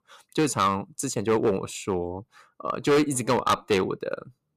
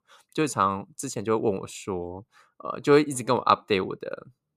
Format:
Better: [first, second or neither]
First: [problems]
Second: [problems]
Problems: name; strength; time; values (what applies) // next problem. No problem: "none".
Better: second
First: distortion; heavy; 5% of the sound clipped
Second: none